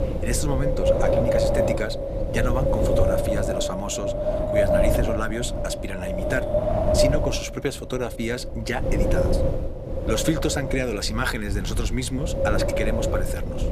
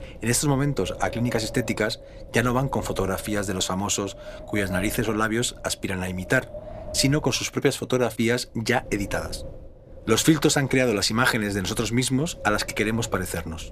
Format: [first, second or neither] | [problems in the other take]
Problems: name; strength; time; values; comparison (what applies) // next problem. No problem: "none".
second | wind noise on the microphone; heavy; 5 dB above the speech; occasional gusts in the second